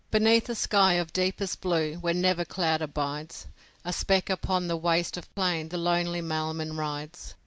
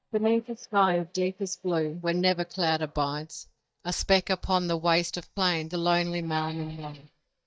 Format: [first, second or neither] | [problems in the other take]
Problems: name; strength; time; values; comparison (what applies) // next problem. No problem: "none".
first | noise reduction (neural mask model DeepFilterNet 3)